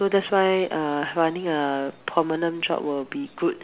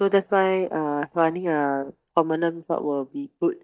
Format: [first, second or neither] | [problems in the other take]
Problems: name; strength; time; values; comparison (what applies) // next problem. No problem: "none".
first | noise reduction (neural mask model DeepFilterNet 3)